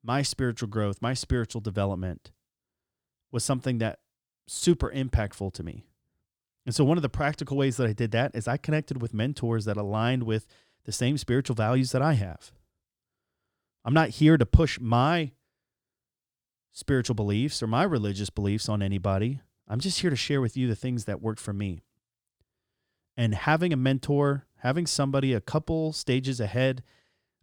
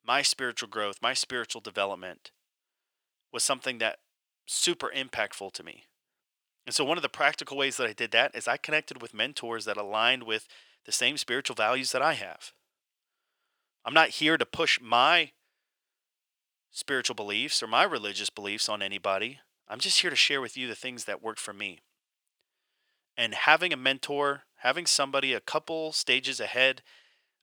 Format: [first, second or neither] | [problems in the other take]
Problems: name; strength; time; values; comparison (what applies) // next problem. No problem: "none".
first | thin; very; fading below 650 Hz